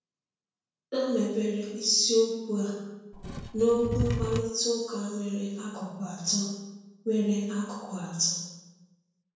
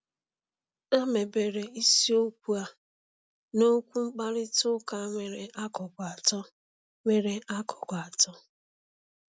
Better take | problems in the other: second | background sound (Wood / Tools); 2 dB below the speech // room echo; dies away in 0.9 s

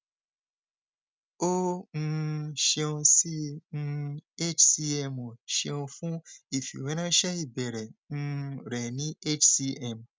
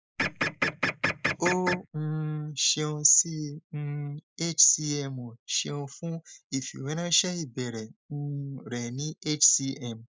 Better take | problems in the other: first | noise reduction (neural mask model Resemble Enhance denoiser)

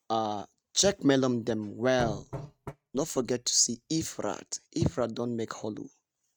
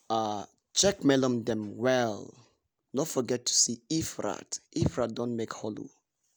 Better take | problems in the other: second | noise reduction (neural mask model RNNoise)

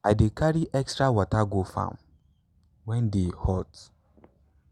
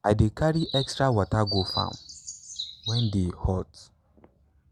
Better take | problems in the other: first | background sound (Chirp, tweet); 9 dB below the speech

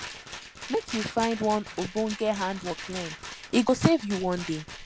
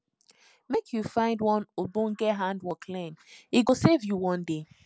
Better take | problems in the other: second | background sound (Rattle); 11 dB below the speech

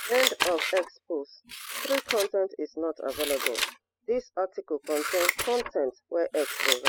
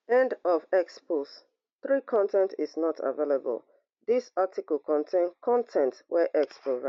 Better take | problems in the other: second | noise reduction (classical method spectral subtraction)

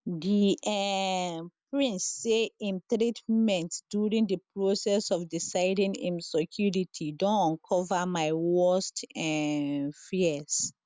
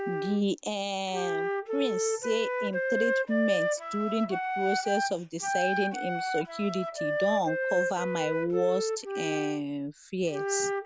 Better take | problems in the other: first | background sound (Wind instrument, woodwind instrument); as loud as the speech

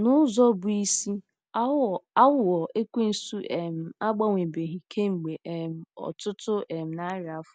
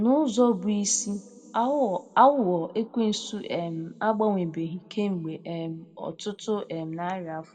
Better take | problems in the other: first | room echo; dies away in 1 s

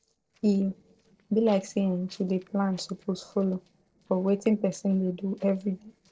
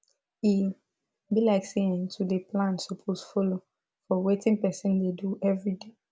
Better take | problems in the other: second | noise reduction (neural separator model SepFormer DNS4)

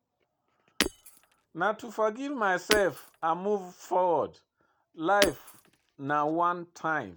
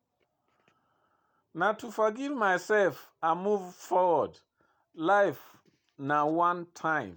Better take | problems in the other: second | background sound (Shatter); 6 dB below the speech

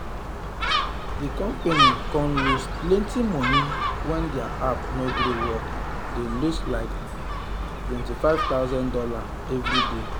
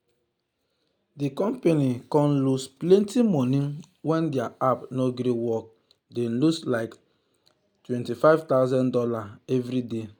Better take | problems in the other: second | background sound (Gull, seagull); 1 dB above the speech

